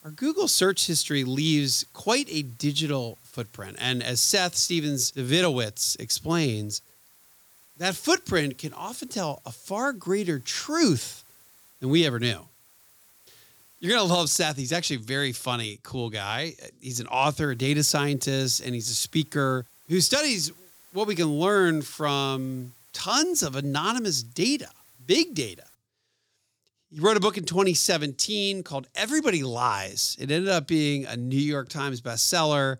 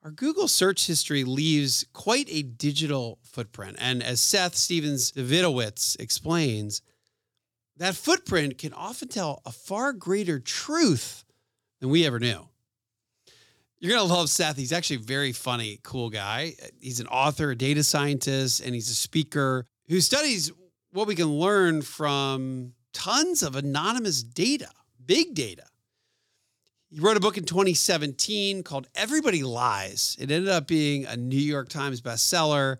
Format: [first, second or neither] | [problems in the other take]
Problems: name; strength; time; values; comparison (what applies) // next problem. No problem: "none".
second | hiss; faint; until 14 s and from 17 to 26 s; 30 dB below the speech